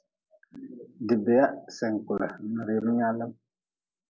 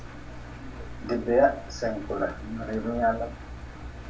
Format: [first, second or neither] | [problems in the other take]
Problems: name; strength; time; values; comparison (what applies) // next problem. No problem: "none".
first | background sound (Engine); 10 dB below the speech // room echo; dies away in 0.2 s